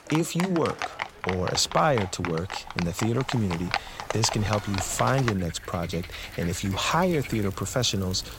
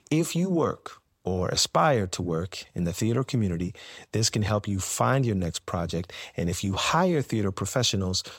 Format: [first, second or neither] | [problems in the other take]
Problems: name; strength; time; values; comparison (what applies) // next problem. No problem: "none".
second | animal sounds; loud; throughout; 8 dB below the speech